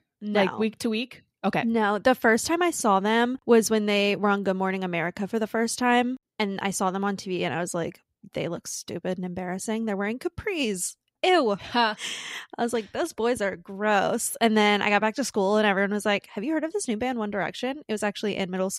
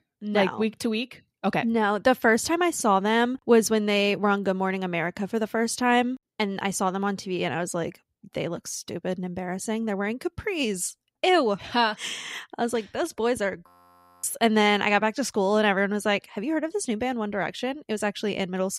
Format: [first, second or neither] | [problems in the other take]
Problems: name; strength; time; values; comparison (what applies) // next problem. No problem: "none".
first | audio freezing; at 14 s for 0.5 s